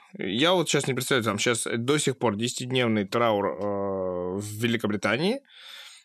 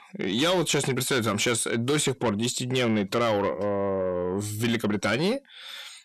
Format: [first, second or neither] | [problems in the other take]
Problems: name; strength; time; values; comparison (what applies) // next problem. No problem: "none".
first | distortion; slight; 10 dB below the speech